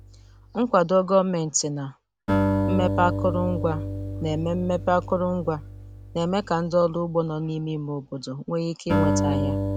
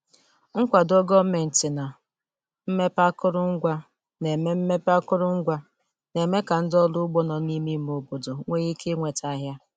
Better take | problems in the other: second | background sound (Acoustic guitar); 3 dB below the speech

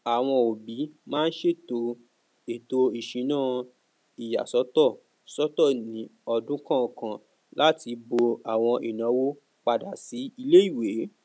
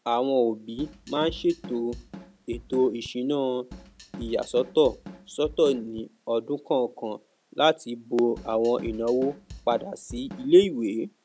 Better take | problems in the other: first | background sound (Drum kit); 17 dB below the speech

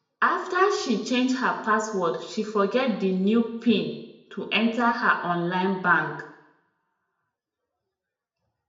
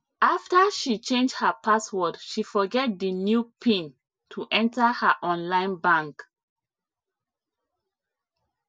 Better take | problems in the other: second | room echo; dies away in 0.7 s

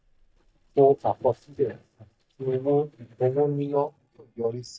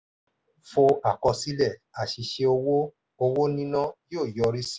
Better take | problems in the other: second | noise reduction (neural mask model DeepFilterNet 3)

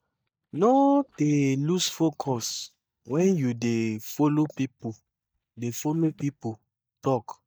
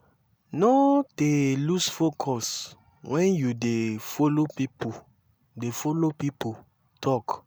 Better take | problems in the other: second | noise reduction (neural mask model DeepFilterNet 3)

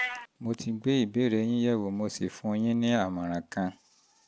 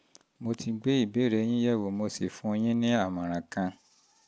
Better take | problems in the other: second | background sound (Meow); 16 dB below the speech

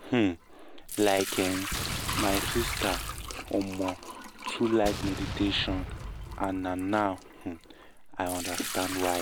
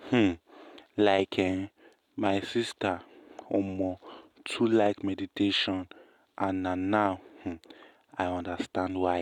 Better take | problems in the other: second | background sound (Sink (filling or washing) / Liquid + Explosion); 5 dB below the speech

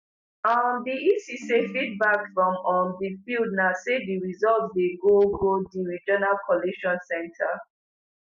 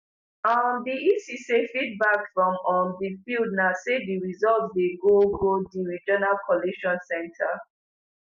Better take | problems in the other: second | background sound (Ringtone); 19 dB below the speech

